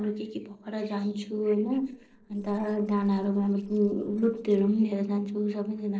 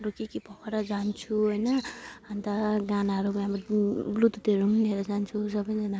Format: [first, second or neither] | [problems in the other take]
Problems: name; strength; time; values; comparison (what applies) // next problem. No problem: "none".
second | noise reduction (neural separator model SepFormer DNS4)